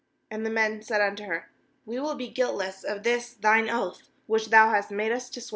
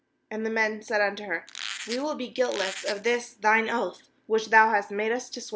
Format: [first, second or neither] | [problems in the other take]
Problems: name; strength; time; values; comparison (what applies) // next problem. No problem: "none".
first | background sound (Squeak); 10 dB below the speech